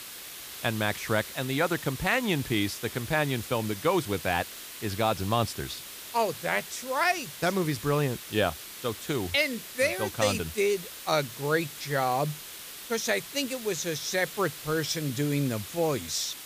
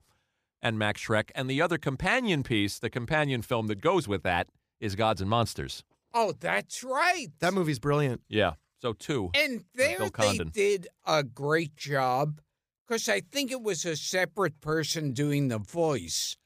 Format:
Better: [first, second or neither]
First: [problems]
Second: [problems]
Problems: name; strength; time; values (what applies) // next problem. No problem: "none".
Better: second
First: hiss; noticeable; throughout; 10 dB below the speech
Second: none